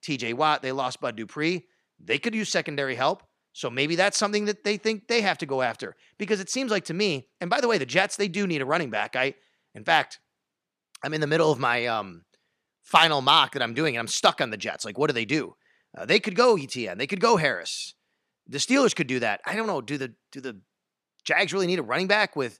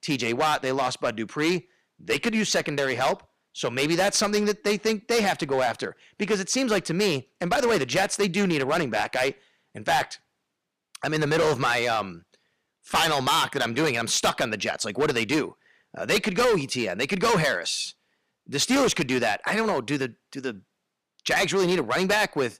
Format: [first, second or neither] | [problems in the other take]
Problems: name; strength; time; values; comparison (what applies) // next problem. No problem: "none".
first | distortion; heavy; 9% of the sound clipped